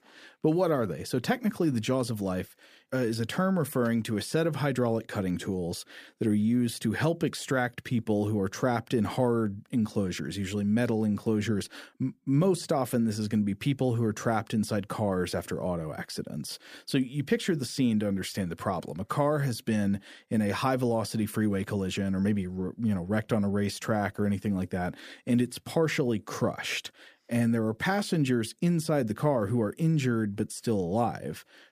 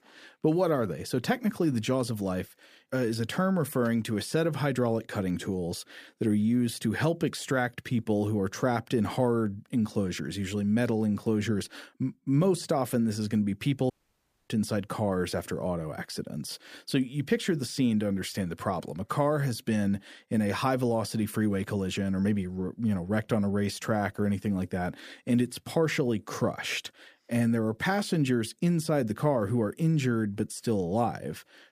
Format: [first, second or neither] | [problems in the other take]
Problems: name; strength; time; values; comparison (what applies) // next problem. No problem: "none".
first | audio cutting out; at 14 s for 0.5 s